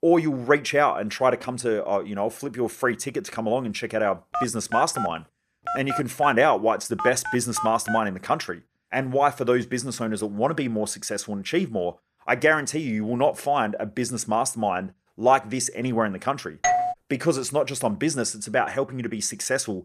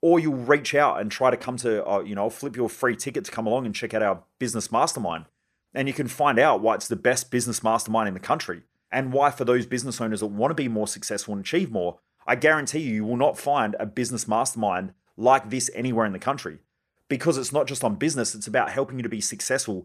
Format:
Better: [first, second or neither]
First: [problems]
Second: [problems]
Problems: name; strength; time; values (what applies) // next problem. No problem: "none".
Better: second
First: phone ringing; noticeable; from 4.5 to 8 s; peak 4 dB below the speech // doorbell; loud; at 17 s; peak 2 dB above the speech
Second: none